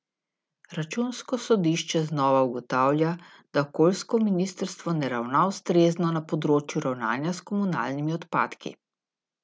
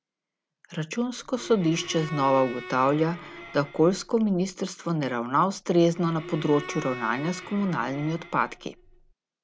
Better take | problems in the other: first | background sound (Bowed string instrument); 15 dB below the speech

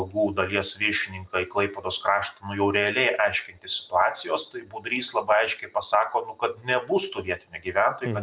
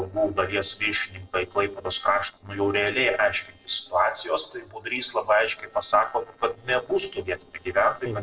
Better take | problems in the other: first | noise reduction (neural separator model SepFormer DNS4)

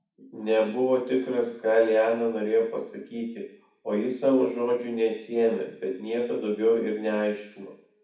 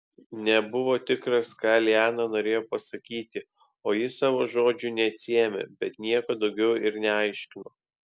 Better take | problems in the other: second | room echo; dies away in 0.6 s

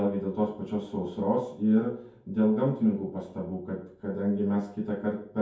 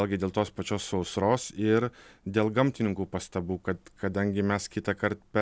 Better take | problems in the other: second | room echo; dies away in 0.6 s

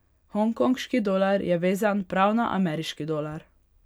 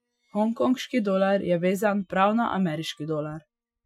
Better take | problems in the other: first | noise reduction (classical method Wiener filter)

